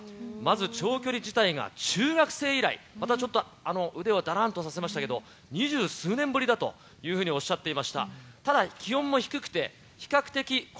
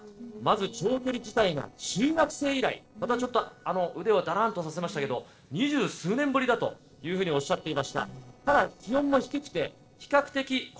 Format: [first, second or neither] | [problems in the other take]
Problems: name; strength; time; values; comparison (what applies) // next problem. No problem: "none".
first | noise reduction (neural separator model SepFormer DNS4)